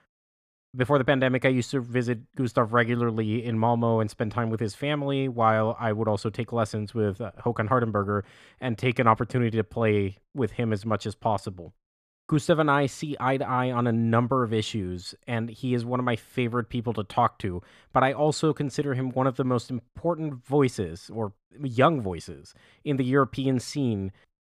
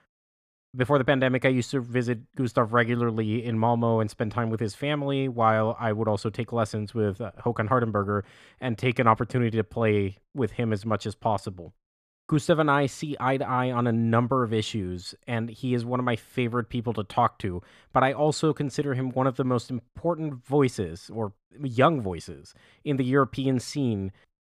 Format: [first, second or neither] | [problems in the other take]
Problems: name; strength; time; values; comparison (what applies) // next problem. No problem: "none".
neither | none